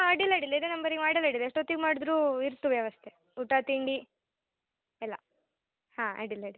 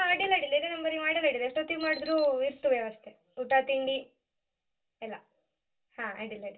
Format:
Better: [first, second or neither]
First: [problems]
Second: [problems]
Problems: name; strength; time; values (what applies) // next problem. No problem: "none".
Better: first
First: none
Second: background sound (Alarm); 18 dB below the speech // room echo; dies away in 0.2 s